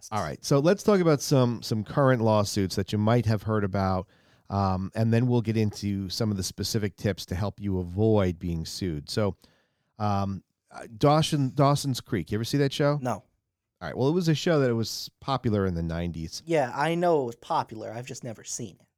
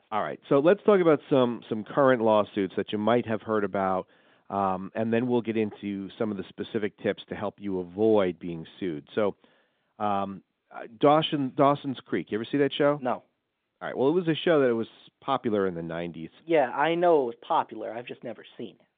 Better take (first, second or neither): first